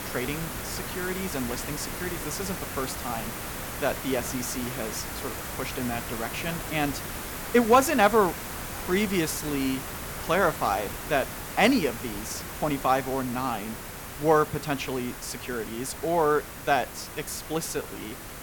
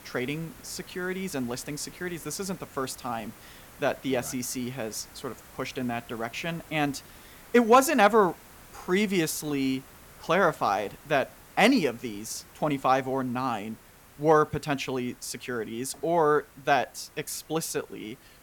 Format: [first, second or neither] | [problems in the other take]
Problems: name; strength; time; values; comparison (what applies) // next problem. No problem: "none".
second | hiss; loud; throughout; 7 dB below the speech; faint in the second